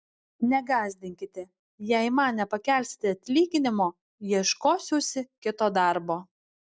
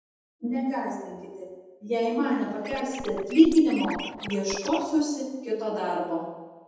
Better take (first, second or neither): first